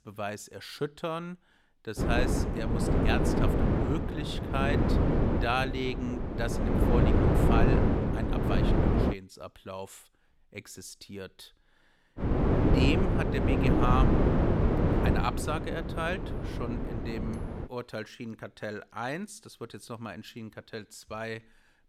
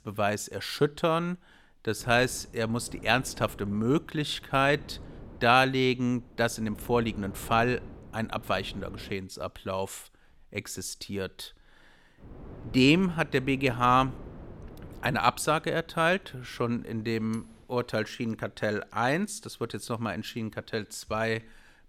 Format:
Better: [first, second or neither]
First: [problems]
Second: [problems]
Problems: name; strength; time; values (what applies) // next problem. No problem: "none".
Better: second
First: wind noise on the microphone; heavy; from 2 to 9 s and from 12 to 18 s; 3 dB above the speech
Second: wind noise on the microphone; occasional gusts; from 2 to 9 s and from 12 to 18 s; 25 dB below the speech